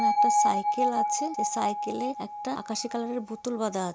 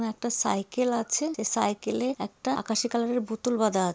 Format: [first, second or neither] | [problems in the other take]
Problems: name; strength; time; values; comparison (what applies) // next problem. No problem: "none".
second | background sound (Bell); 4 dB above the speech